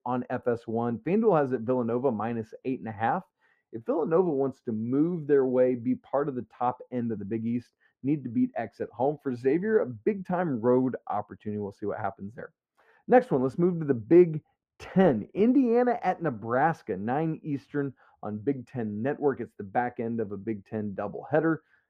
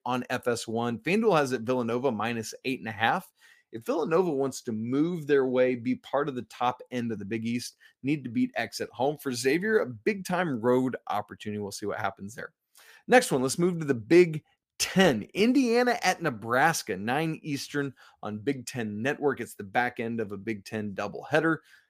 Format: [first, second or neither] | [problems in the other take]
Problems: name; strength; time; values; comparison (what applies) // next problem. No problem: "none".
second | muffled; very; fading above 2.5 kHz